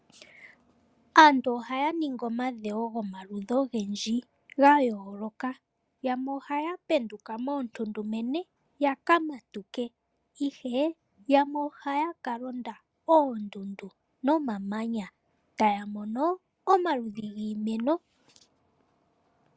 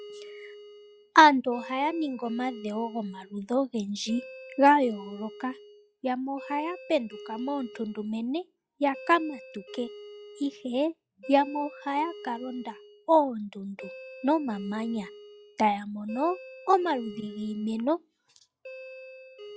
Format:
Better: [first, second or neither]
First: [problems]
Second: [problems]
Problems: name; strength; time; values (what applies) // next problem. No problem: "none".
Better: first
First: none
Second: noise reduction (classical method log-MMSE)